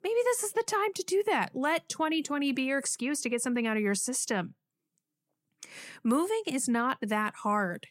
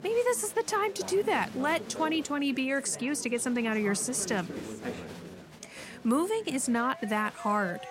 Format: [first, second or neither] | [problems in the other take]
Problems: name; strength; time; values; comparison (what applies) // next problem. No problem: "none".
first | crowd noise; noticeable; throughout; 15 dB below the speech